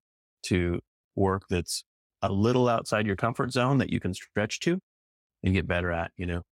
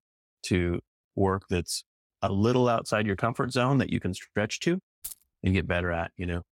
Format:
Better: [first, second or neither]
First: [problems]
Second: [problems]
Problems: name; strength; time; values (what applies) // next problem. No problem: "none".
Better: first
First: none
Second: jangling keys; faint; at 5 s; peak 10 dB below the speech